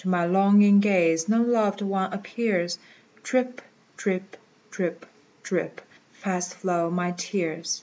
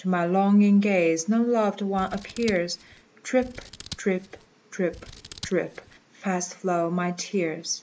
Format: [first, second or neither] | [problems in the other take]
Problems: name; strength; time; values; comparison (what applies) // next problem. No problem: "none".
first | background sound (Scissors); 19 dB below the speech